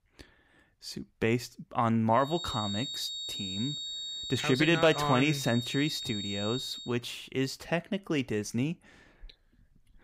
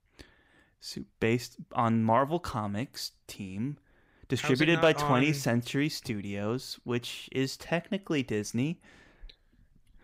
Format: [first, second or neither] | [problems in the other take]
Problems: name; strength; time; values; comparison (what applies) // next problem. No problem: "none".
second | high-pitched whine; loud; from 2.5 to 7 s; 4 kHz, 6 dB below the speech